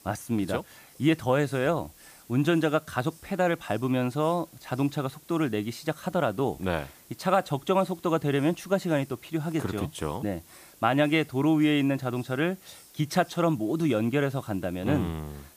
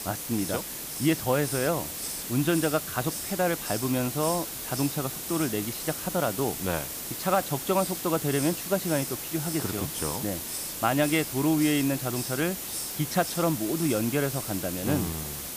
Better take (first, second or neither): first